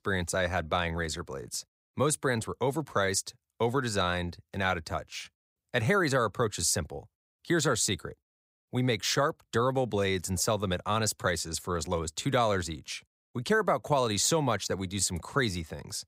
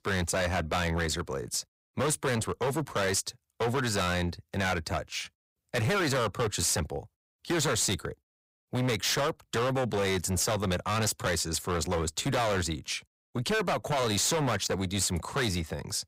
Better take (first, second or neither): first